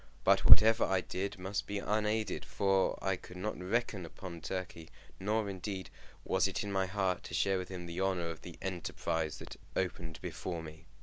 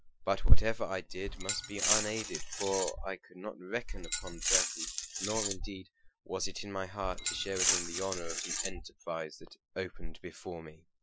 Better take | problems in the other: first | noise reduction (classical method Wiener filter)

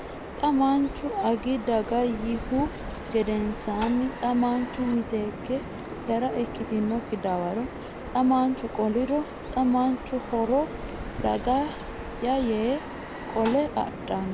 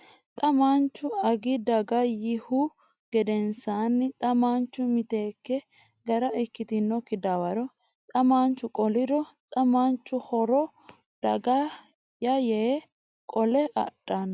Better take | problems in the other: second | background sound (Tap + Bird vocalization, bird call, bird song); 9 dB below the speech

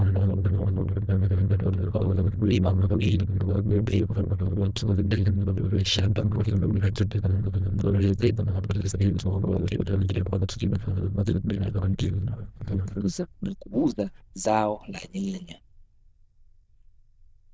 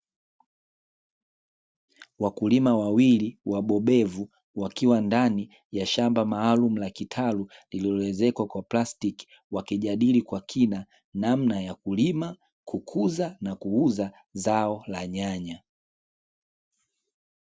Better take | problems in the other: second | noise reduction (neural diffusion model UNIVERSE++)

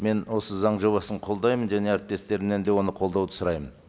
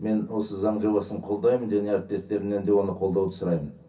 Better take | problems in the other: first | room echo; dies away in 0.3 s

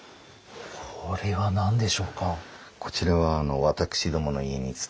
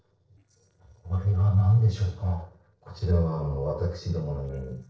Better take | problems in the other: first | noise reduction (neural separator model SepFormer DNS4)

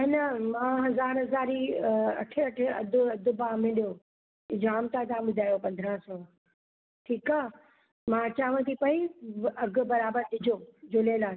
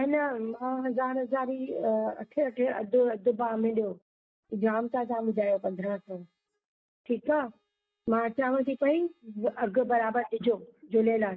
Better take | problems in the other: first | noise reduction (neural mask model DeepFilterNet 3)

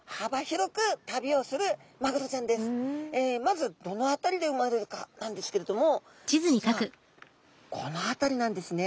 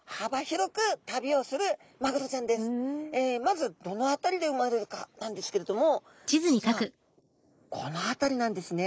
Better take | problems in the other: first | noise reduction (neural mask model Resemble Enhance denoiser)

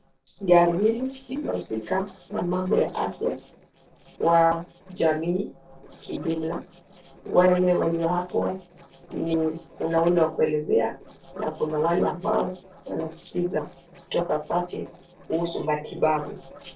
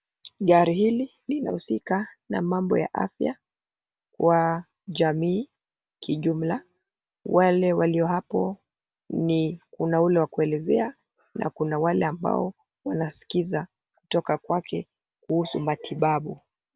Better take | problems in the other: second | noise reduction (neural separator model SepFormer DNS4)

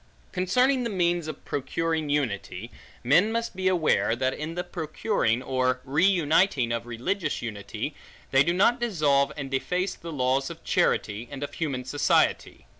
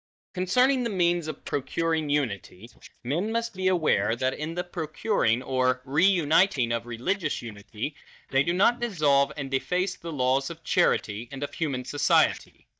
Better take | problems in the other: first | noise reduction (neural mask model DeepFilterNet 3)

